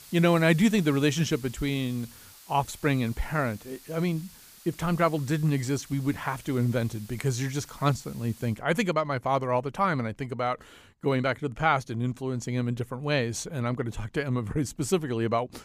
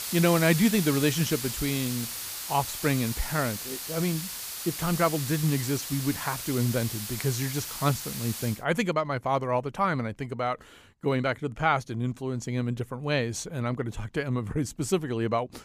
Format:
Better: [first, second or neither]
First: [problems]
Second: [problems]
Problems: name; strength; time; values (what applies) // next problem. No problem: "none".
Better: first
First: hiss; faint; until 8.5 s; 20 dB below the speech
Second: hiss; loud; until 8.5 s; 5 dB below the speech